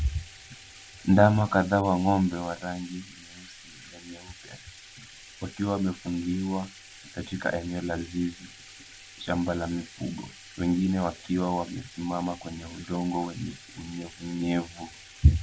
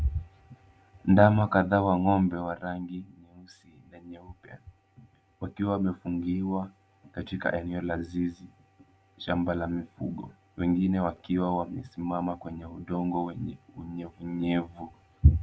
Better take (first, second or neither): second